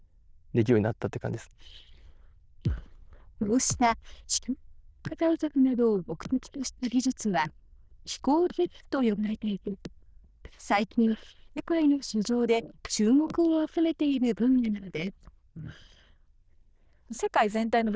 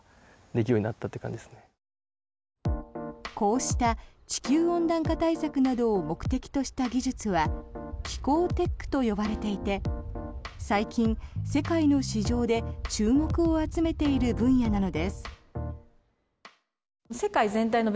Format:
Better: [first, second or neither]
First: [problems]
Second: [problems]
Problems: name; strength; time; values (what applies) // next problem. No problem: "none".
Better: second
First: noise reduction (neural diffusion model UNIVERSE++)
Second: none